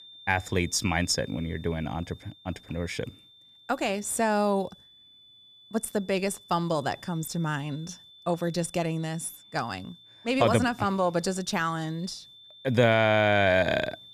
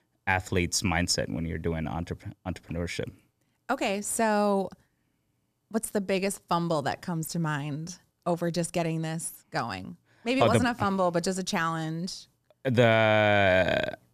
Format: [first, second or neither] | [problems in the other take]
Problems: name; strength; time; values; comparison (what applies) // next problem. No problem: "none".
second | high-pitched whine; faint; throughout; 3.5 kHz, 20 dB below the speech